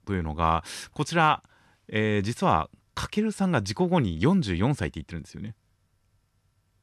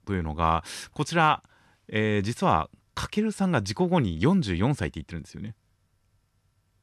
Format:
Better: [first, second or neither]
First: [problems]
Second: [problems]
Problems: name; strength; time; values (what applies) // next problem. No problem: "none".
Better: neither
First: none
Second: none